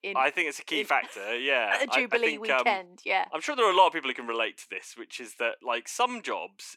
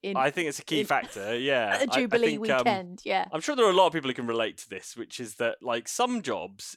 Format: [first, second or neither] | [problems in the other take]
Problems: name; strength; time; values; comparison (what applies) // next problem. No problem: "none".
second | thin; somewhat; fading below 300 Hz